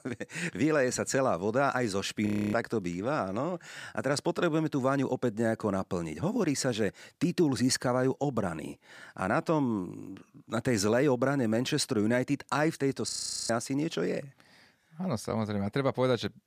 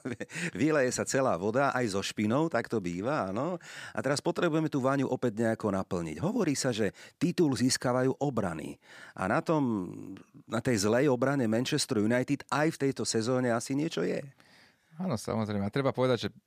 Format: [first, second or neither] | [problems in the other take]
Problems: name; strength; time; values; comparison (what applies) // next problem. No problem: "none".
second | audio freezing; at 2.5 s and at 13 s